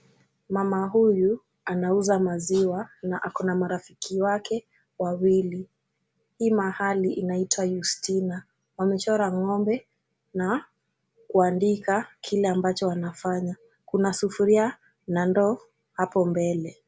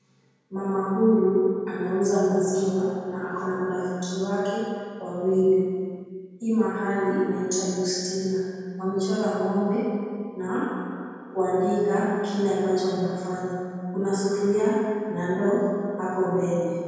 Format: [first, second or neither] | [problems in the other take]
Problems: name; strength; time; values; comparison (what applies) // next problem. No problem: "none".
first | room echo; dies away in 2.1 s